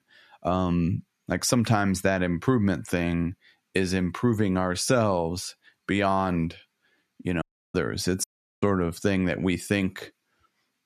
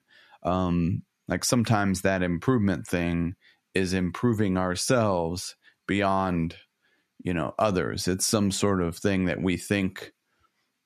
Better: second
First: audio cutting out; at 7.5 s and at 8 s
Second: none

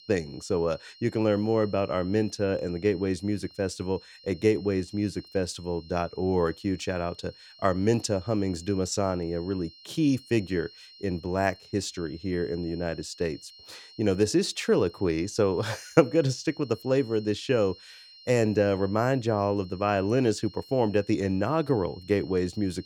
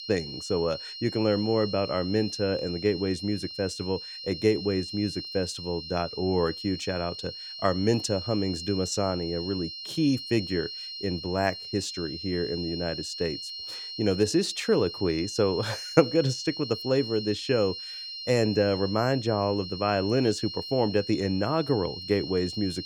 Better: first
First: high-pitched whine; faint; throughout; 4 kHz, 20 dB below the speech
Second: high-pitched whine; loud; throughout; 4 kHz, 8 dB below the speech

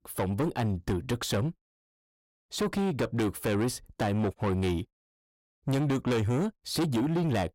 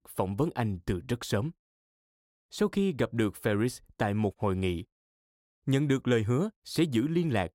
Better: second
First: distortion; heavy; 8 dB below the speech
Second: none

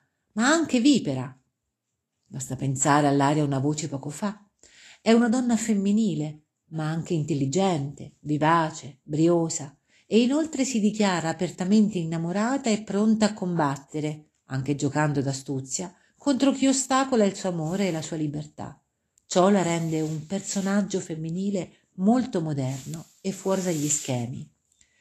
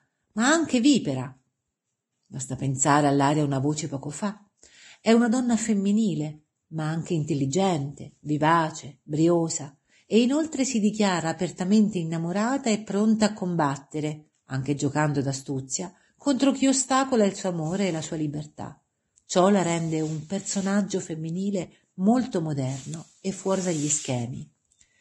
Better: first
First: garbled, watery; slightly; nothing above 13 kHz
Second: garbled, watery; badly

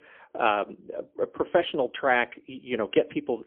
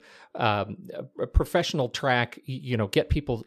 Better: second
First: phone-call audio; poor line; nothing above 3.5 kHz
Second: none

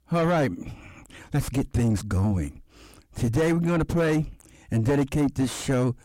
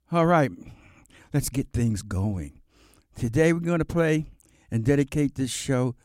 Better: second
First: distortion; heavy; 5 dB below the speech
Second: none

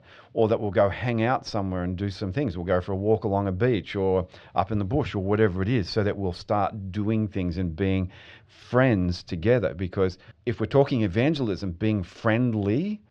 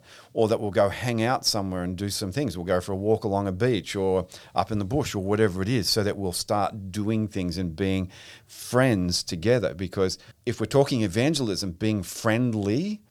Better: second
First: muffled; slightly; fading above 3 kHz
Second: none

